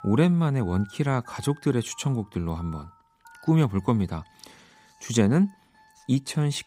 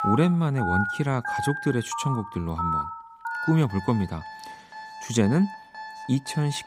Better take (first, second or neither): first